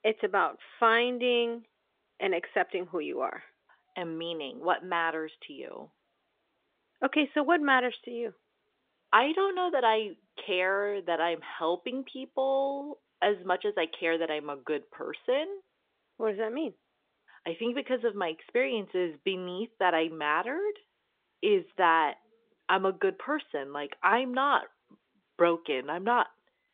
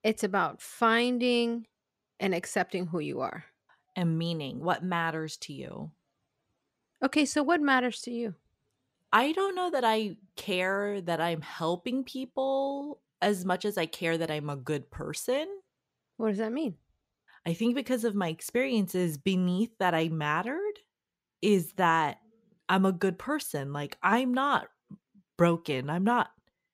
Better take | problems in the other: second | phone-call audio; nothing above 3 kHz

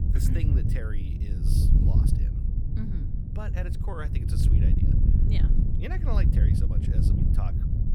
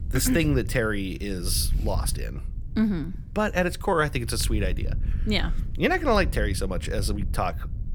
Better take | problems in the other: second | wind noise on the microphone; heavy; 2 dB above the speech; occasional gusts in the second

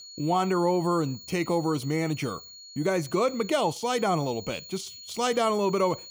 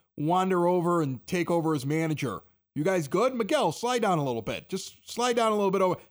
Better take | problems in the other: second | high-pitched whine; noticeable; throughout; 4.5 kHz, 15 dB below the speech

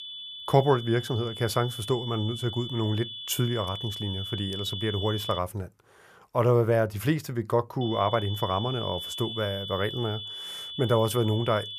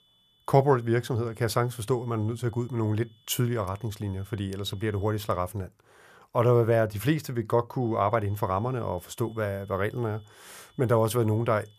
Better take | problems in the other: second | high-pitched whine; loud; until 5.5 s and from 8 s on; 3.5 kHz, 8 dB below the speech; faint in the second

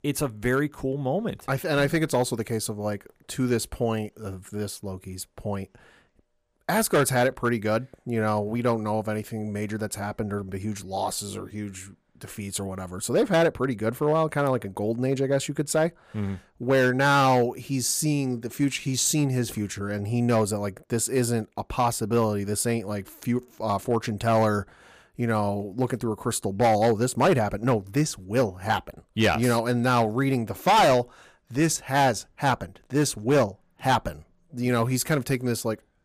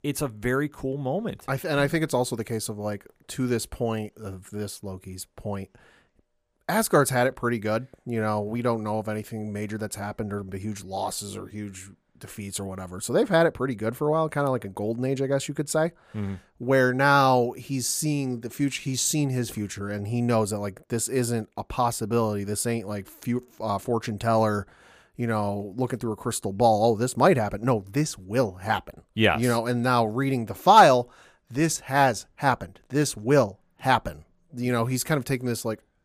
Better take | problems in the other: second | distortion; slight; 3% of the sound clipped

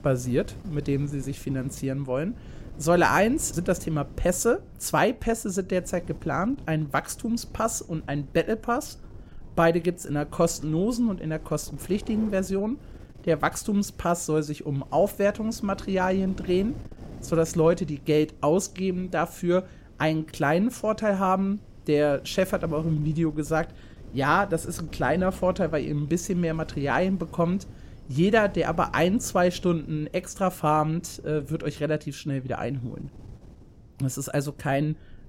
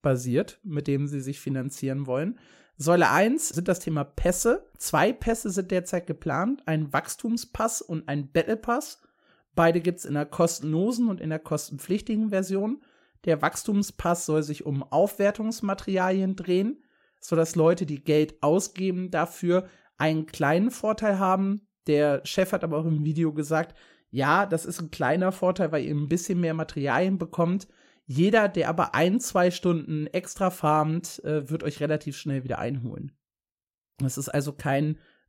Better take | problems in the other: second | wind noise on the microphone; occasional gusts; 25 dB below the speech

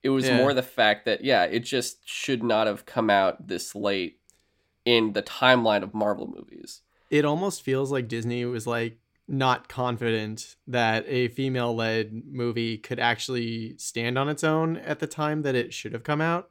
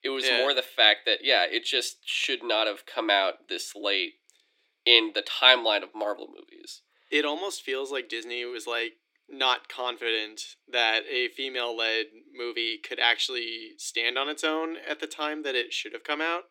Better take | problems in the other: first | thin; somewhat; fading below 300 Hz

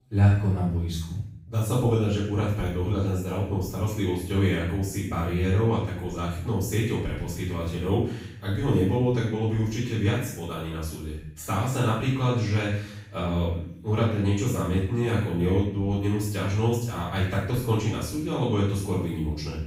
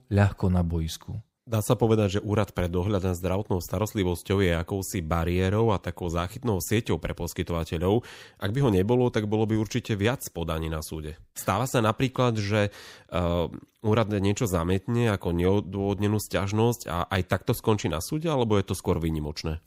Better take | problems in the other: second | off-mic speech; far // room echo; strong; dies away in 0.7 s

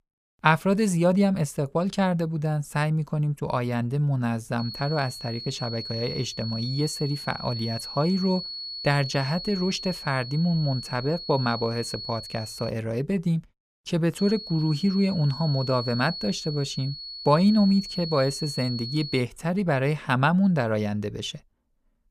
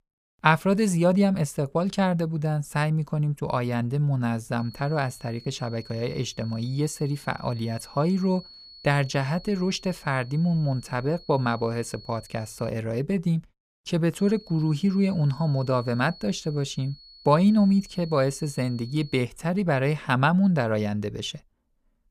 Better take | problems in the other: second | high-pitched whine; loud; from 4.5 to 13 s and from 14 to 19 s; 4.5 kHz, 9 dB below the speech; faint in the second

